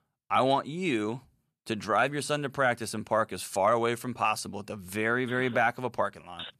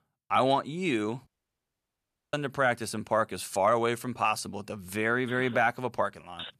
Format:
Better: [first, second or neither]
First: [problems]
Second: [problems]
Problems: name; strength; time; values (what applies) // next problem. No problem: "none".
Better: first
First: none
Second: audio cutting out; at 1.5 s for 1 s